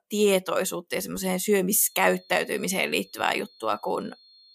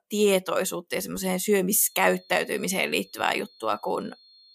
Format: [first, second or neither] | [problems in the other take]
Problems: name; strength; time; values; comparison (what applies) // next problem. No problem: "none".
neither | high-pitched whine; faint; from 2 s on; 4.5 kHz, 30 dB below the speech; the same in both